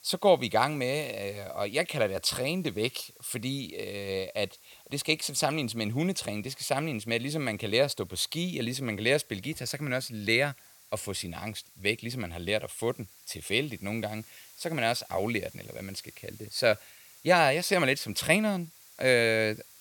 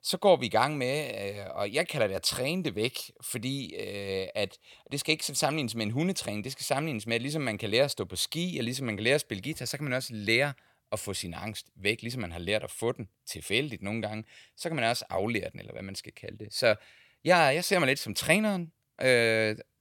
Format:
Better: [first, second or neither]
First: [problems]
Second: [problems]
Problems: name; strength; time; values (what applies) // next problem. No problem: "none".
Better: second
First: hiss; faint; throughout; 25 dB below the speech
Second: none